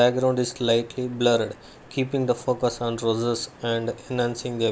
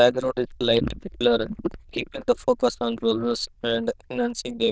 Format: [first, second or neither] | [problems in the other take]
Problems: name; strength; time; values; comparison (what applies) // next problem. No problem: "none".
first | noise reduction (neural diffusion model UNIVERSE++)